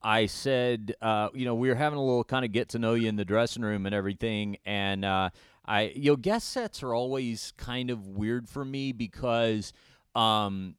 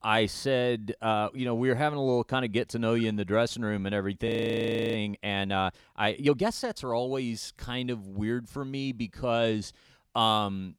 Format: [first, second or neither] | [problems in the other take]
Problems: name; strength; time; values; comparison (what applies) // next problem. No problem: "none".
first | audio freezing; at 4.5 s for 0.5 s